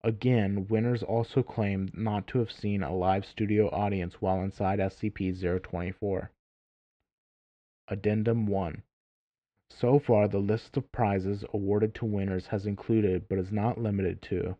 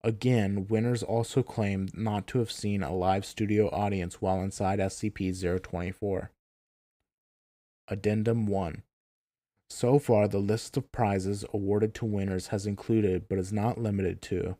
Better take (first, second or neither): second